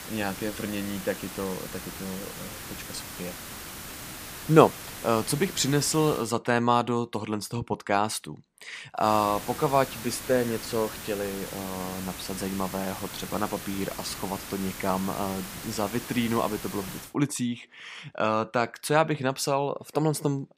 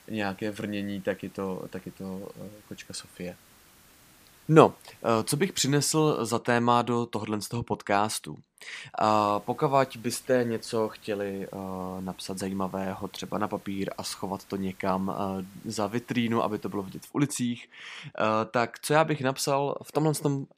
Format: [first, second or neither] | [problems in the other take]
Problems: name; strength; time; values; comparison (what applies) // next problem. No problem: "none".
second | hiss; loud; until 6 s and from 9 to 17 s; 10 dB below the speech; faint in the second